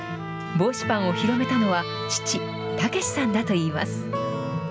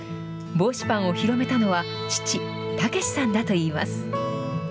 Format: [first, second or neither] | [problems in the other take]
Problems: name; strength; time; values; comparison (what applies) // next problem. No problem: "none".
second | background sound (Trumpet); 13 dB below the speech